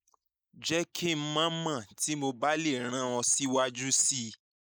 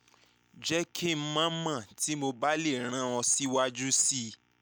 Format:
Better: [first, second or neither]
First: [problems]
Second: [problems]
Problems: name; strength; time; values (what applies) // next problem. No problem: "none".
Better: second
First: noise reduction (neural mask model Resemble Enhance denoiser)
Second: none